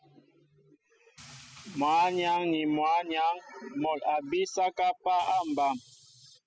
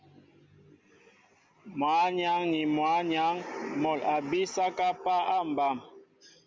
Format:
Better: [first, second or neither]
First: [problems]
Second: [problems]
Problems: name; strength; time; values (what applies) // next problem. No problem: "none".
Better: second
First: noise reduction (classical method spectral subtraction)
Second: none